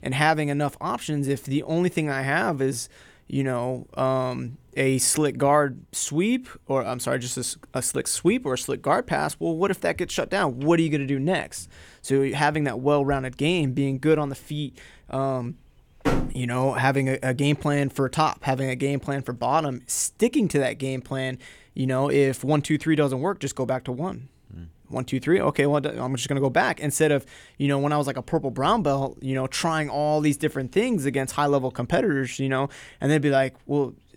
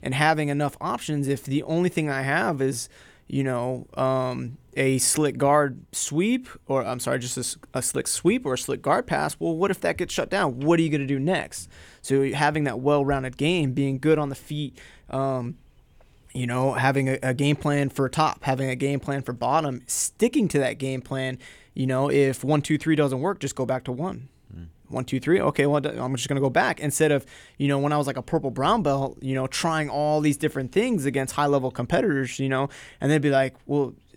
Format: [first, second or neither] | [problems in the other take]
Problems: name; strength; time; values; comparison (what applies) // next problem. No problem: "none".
second | door banging; noticeable; at 16 s; peak 2 dB below the speech